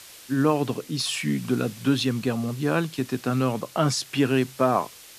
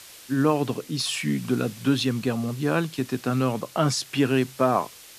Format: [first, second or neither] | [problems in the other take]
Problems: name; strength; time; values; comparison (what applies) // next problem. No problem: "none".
neither | hiss; noticeable; throughout; 20 dB below the speech; the same in both